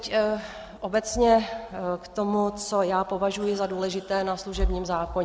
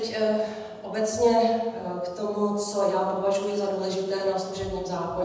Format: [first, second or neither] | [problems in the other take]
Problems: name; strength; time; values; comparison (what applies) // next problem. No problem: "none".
first | room echo; dies away in 1 s